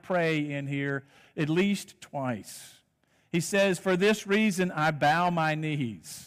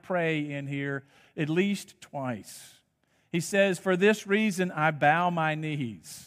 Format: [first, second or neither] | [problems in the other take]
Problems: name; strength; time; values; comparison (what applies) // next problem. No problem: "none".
second | distortion; slight; 4% of the sound clipped